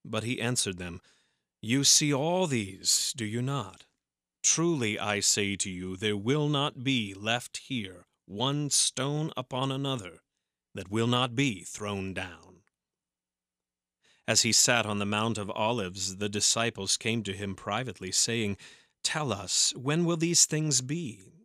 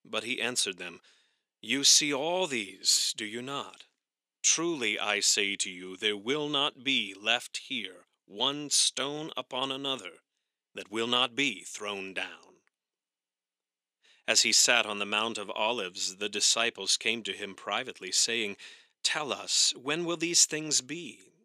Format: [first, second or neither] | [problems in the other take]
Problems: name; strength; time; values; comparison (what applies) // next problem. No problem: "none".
first | thin; somewhat; fading below 350 Hz